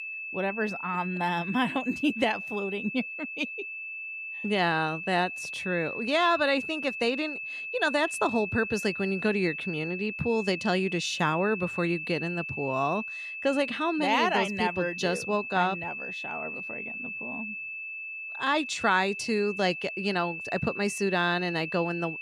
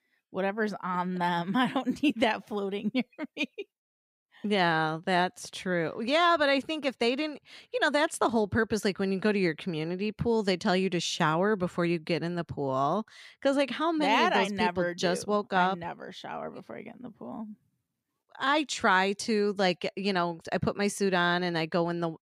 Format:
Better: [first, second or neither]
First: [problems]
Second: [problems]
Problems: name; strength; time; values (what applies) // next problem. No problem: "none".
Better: second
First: high-pitched whine; loud; throughout; 2.5 kHz, 6 dB below the speech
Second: none